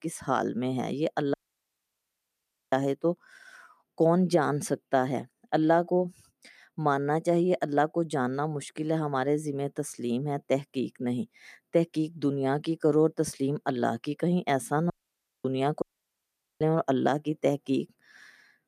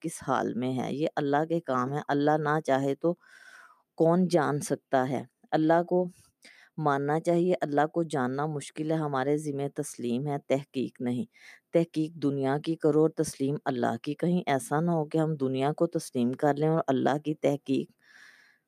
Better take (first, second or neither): second